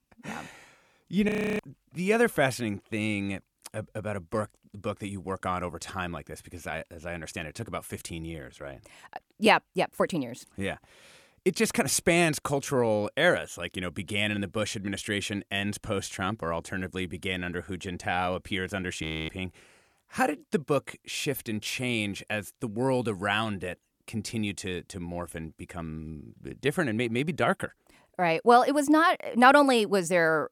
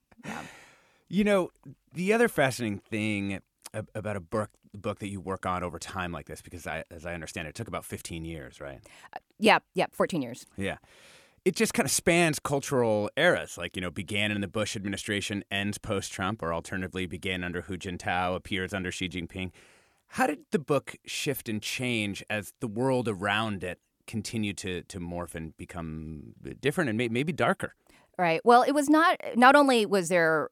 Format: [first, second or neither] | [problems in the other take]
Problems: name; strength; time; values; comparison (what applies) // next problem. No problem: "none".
second | audio freezing; at 1.5 s and at 19 s